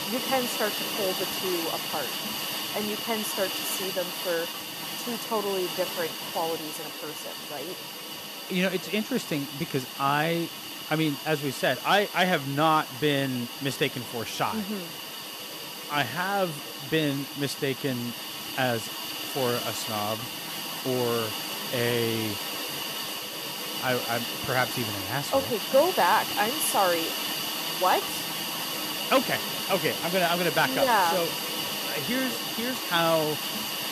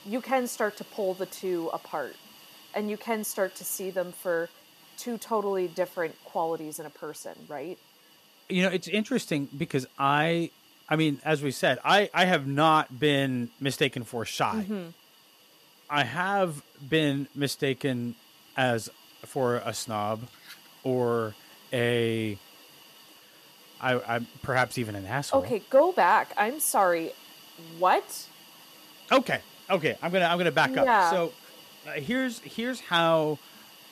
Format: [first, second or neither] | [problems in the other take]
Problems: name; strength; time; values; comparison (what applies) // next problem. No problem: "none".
second | hiss; loud; throughout; 3 dB below the speech; faint in the second